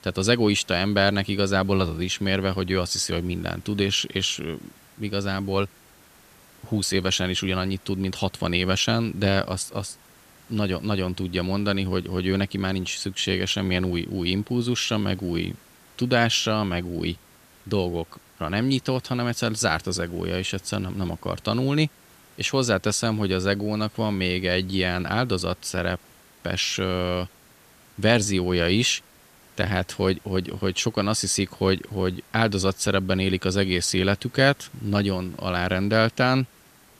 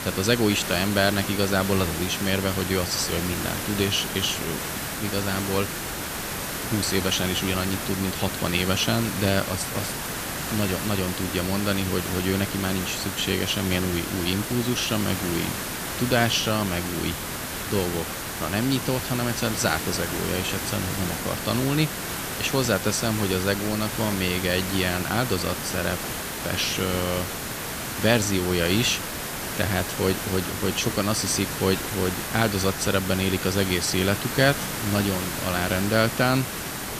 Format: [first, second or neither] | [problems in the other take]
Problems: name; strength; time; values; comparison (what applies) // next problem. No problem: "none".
first | hiss; loud; throughout; 4 dB below the speech; faint in the first